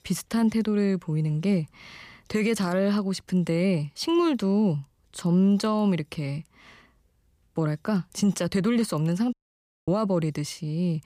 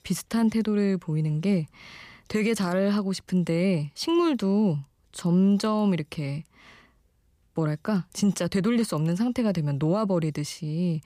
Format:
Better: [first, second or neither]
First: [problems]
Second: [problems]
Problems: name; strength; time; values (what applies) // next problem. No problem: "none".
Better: second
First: audio cutting out; at 9.5 s for 0.5 s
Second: none